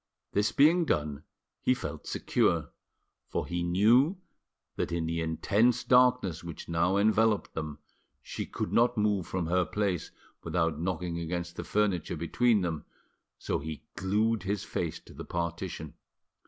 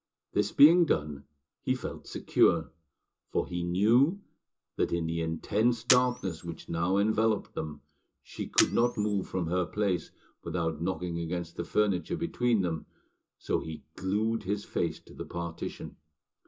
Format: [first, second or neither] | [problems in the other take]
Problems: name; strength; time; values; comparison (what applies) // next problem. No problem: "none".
first | background sound (Camera); 8 dB below the speech // room echo; dies away in 0.2 s